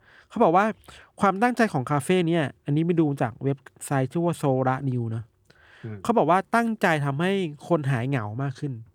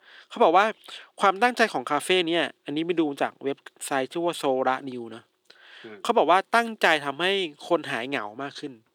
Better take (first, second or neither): first